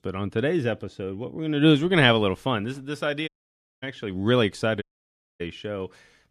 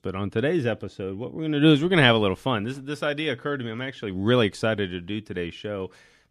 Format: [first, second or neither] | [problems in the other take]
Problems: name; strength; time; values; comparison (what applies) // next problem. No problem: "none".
second | audio cutting out; at 3.5 s for 0.5 s and at 5 s for 0.5 s